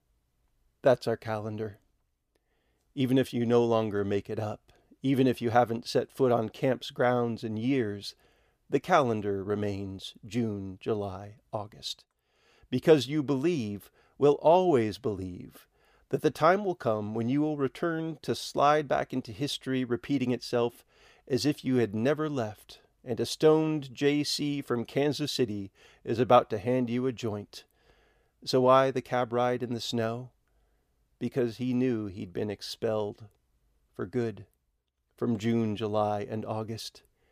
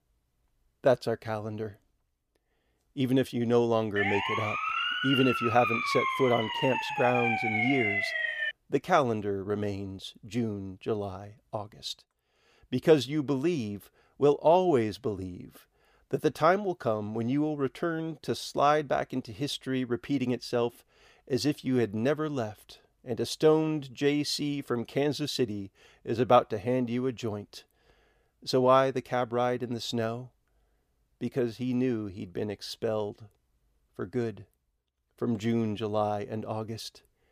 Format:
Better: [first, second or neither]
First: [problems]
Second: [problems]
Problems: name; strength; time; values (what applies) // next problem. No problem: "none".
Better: first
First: none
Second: siren; loud; from 4 to 8.5 s; peak 2 dB above the speech